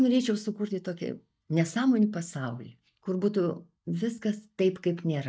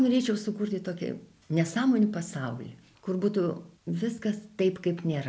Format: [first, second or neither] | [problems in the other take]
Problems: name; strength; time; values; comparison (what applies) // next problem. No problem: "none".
second | noise reduction (neural mask model DeepFilterNet 3)